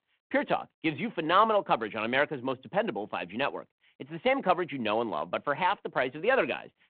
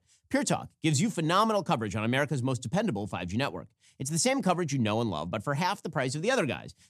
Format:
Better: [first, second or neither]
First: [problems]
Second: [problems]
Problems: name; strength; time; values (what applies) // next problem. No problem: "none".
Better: second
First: phone-call audio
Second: none